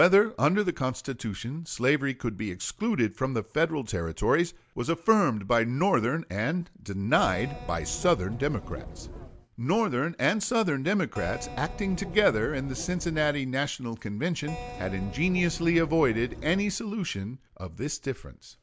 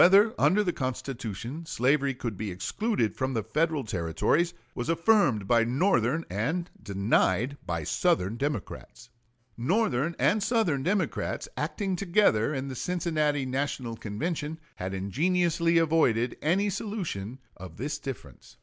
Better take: second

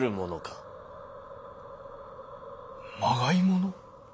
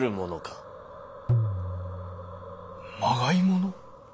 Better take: first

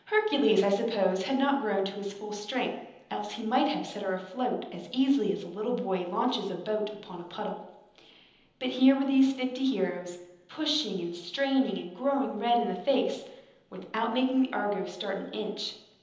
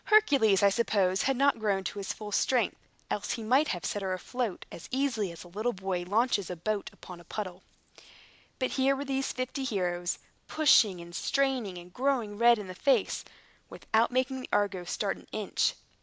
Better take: second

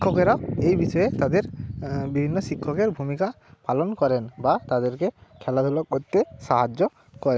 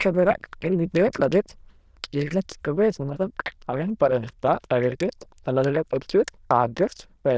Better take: first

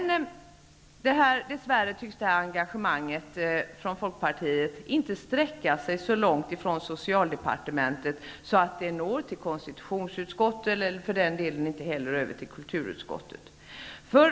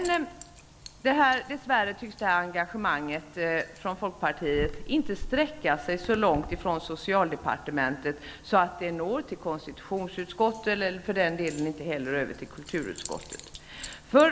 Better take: first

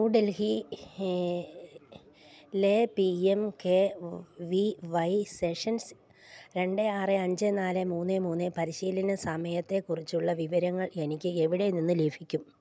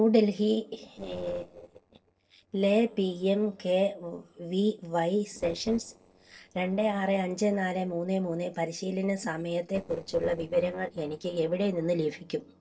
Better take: first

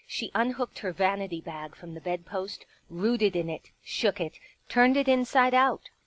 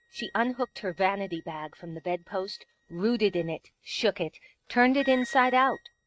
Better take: first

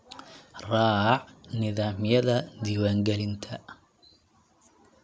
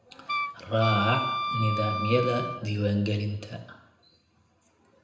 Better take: first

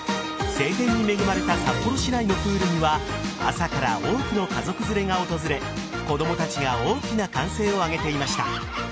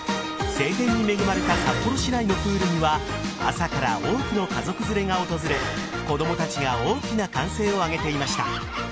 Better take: first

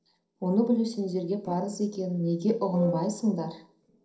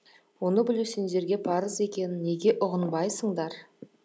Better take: second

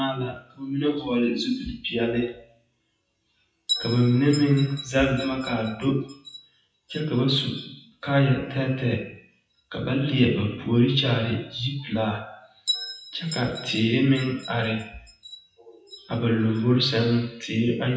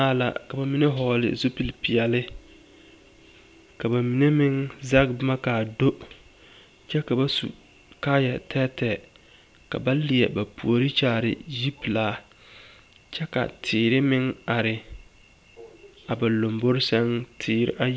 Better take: second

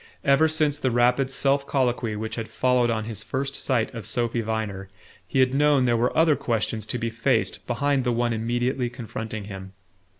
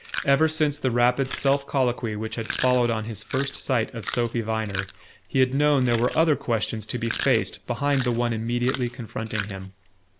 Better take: first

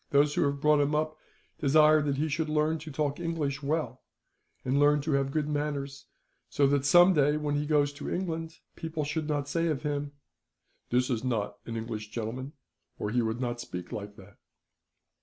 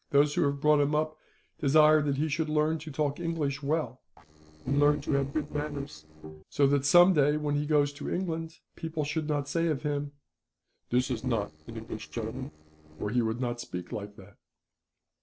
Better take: first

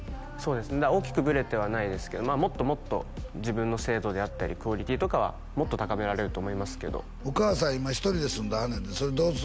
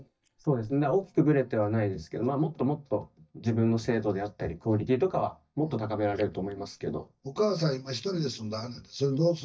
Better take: first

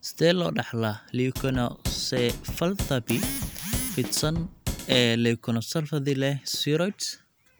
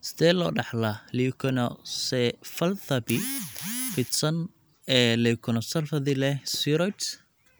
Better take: second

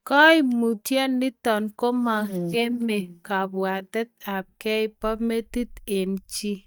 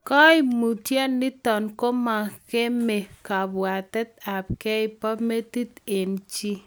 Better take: second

